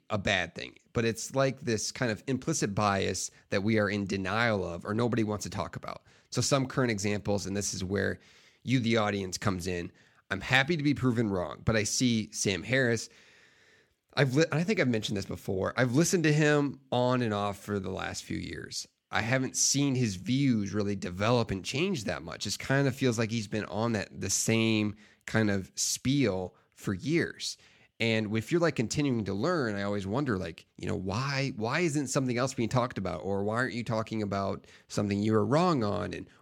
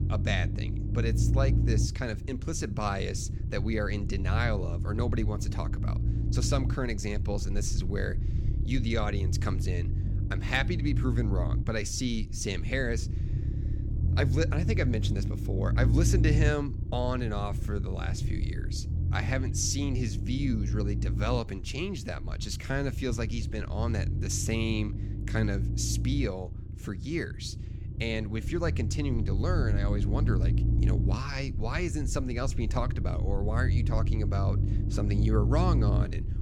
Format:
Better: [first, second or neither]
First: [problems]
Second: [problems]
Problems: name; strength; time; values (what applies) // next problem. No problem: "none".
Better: first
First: none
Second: low rumble; loud; throughout; 9 dB below the speech